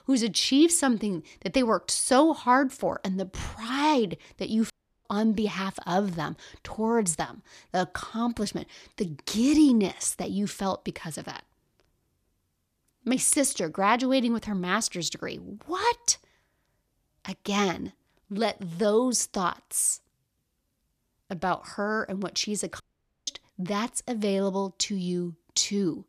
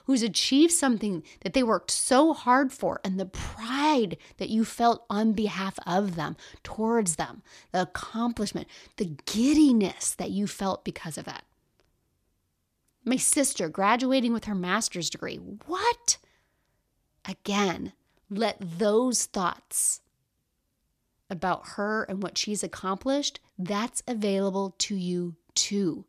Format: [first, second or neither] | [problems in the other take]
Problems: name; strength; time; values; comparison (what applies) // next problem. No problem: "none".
second | audio cutting out; at 4.5 s and at 23 s